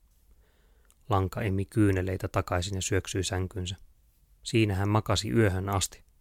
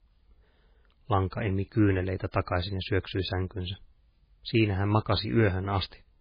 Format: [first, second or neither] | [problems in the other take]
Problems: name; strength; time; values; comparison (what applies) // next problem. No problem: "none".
first | garbled, watery; badly; nothing above 4.5 kHz